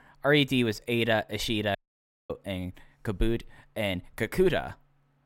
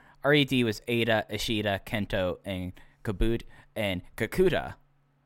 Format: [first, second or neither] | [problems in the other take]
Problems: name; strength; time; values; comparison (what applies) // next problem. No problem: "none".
second | audio cutting out; at 2 s for 0.5 s